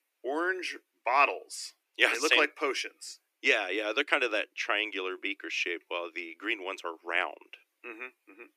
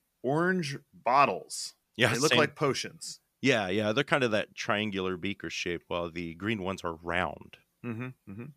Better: second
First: thin; somewhat; fading below 300 Hz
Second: none

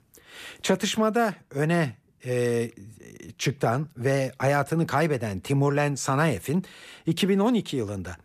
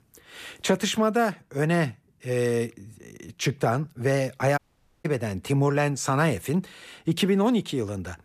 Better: first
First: none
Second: audio cutting out; at 4.5 s

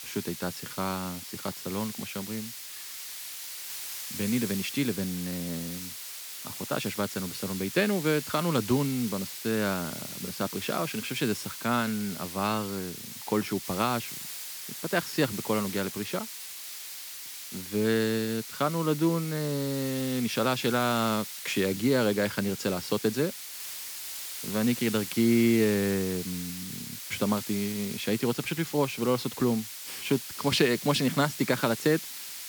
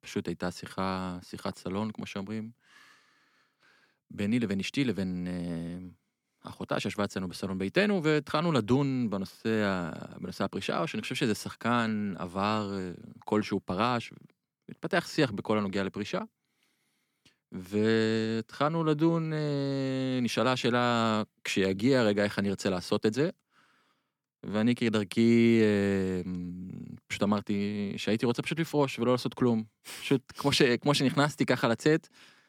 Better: second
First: hiss; loud; throughout; 8 dB below the speech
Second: none

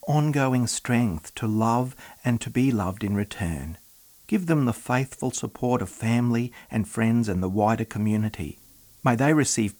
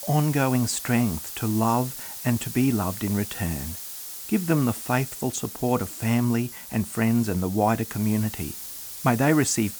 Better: first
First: hiss; faint; throughout; 25 dB below the speech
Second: hiss; loud; throughout; 9 dB below the speech

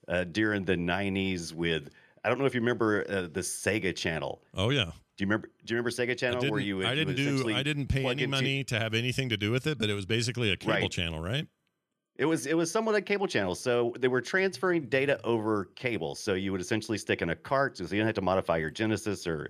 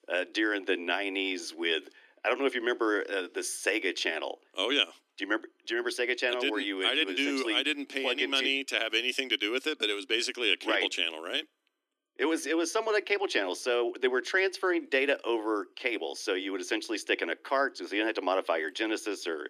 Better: first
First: none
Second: thin; somewhat; fading below 250 Hz

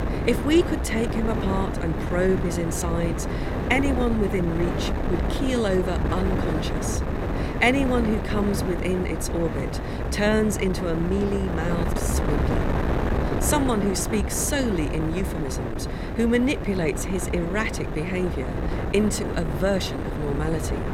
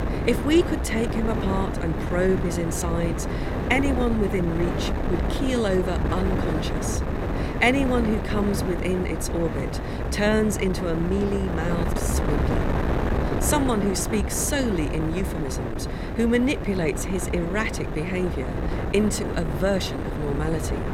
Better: neither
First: wind noise on the microphone; heavy; 4 dB below the speech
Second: wind noise on the microphone; heavy; 4 dB below the speech

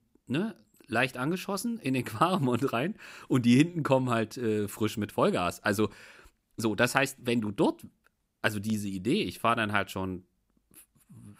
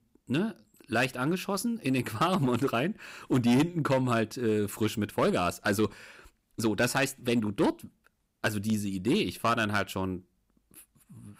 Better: first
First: none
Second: distortion; slight; 4% of the sound clipped

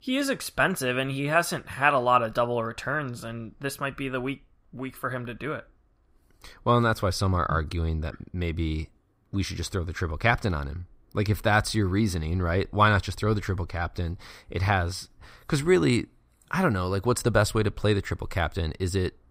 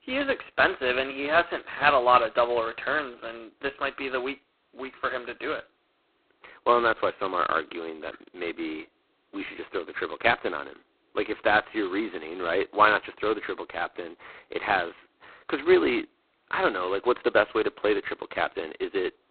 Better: first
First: none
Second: phone-call audio; poor line; nothing above 4 kHz

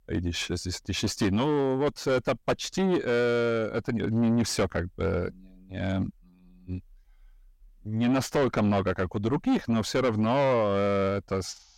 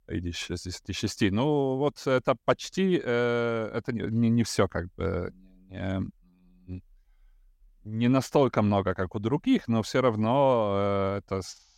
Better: second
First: distortion; heavy; 7 dB below the speech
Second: none

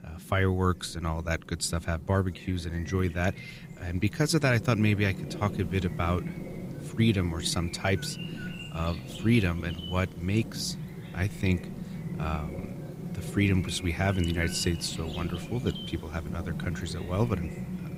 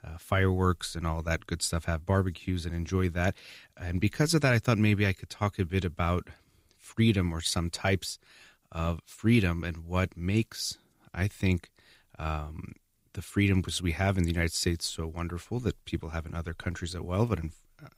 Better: second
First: animal sounds; loud; throughout; 9 dB below the speech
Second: none

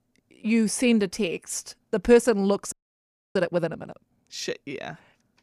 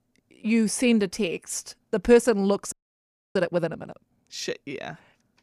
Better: neither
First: audio freezing; at 2.5 s for 0.5 s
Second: audio freezing; at 2.5 s for 0.5 s

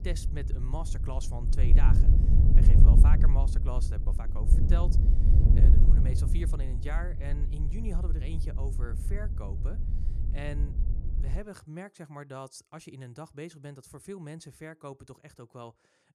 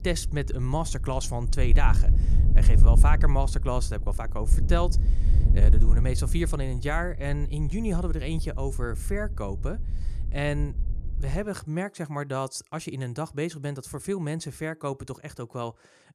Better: second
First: wind noise on the microphone; heavy; until 11 s; 1 dB below the speech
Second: wind noise on the microphone; occasional gusts; until 11 s; 10 dB below the speech

